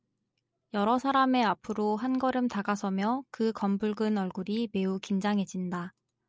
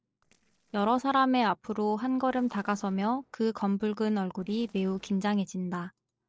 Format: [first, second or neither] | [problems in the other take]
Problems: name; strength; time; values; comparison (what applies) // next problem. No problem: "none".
first | noise reduction (neural separator model SepFormer DNS4)